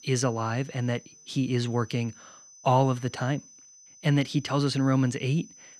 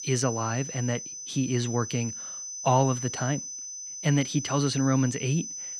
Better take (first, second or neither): first